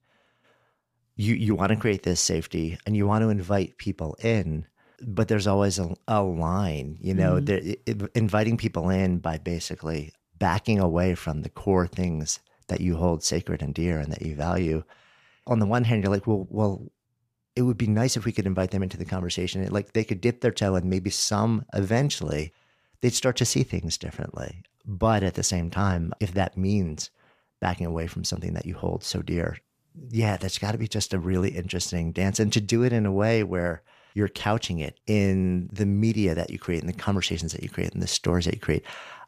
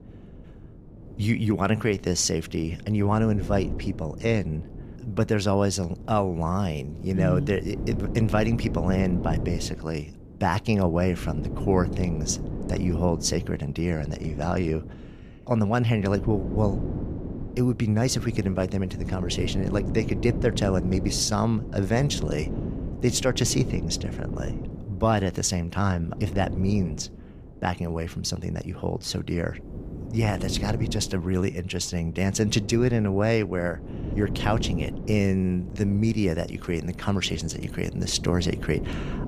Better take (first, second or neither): first